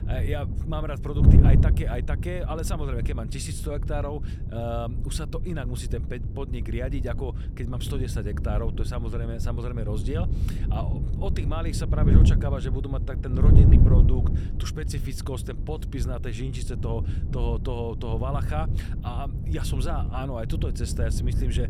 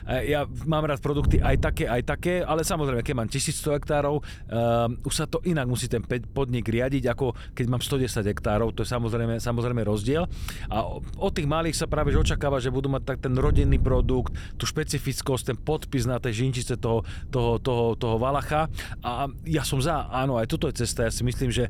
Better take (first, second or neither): second